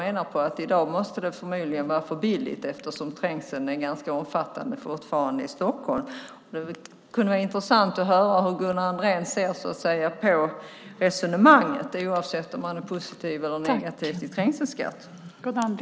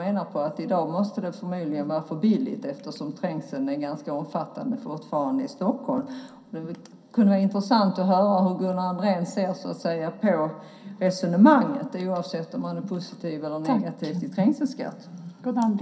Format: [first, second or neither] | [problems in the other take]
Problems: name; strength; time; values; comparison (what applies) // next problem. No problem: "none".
first | room echo; dies away in 0.3 s